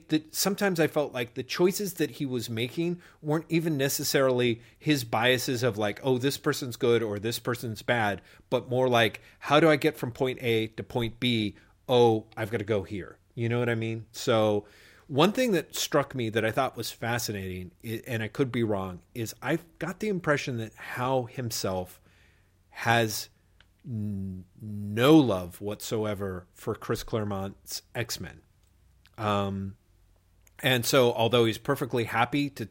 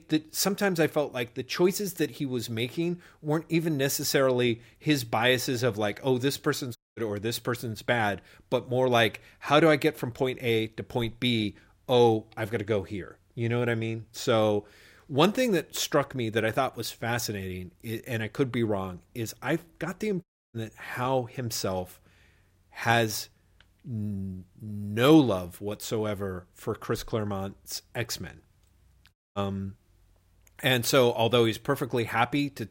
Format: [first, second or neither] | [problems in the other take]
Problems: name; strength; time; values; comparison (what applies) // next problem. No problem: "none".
first | audio cutting out; at 7 s, at 20 s and at 29 s